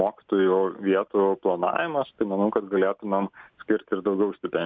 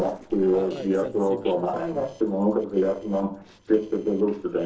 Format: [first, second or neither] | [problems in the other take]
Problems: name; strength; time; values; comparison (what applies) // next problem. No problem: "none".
first | noise reduction (neural separator model SepFormer DNS4)